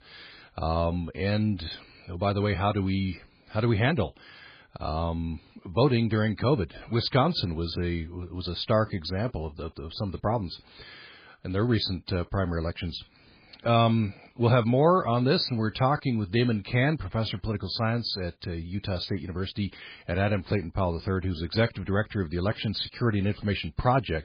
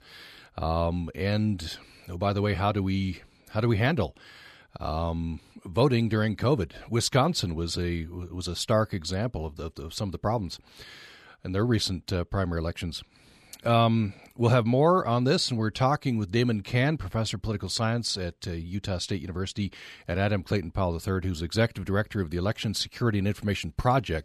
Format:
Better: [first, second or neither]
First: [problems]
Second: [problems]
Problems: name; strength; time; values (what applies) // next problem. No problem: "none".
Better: second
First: garbled, watery; badly; nothing above 4.5 kHz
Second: none